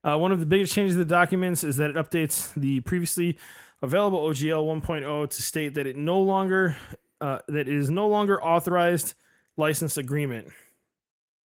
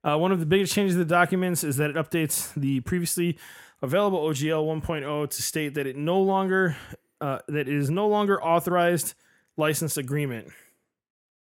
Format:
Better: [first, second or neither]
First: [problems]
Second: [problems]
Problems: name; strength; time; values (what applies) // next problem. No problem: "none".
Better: second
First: garbled, watery; slightly; nothing above 16.5 kHz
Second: none